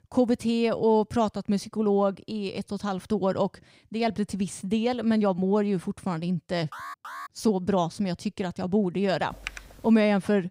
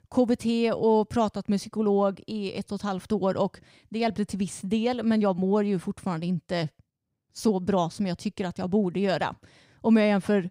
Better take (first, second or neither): second